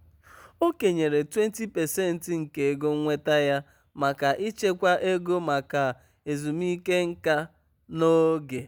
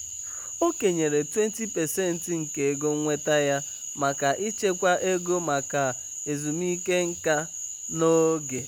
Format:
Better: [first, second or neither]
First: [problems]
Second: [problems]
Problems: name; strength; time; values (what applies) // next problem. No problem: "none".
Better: first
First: none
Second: background sound (Cricket / Frog); 10 dB below the speech